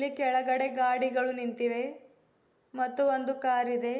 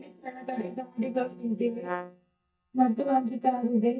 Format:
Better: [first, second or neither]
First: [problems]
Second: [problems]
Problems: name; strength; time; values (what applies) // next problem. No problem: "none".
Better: first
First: none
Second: noise reduction (neural mask model DeepFilterNet 3)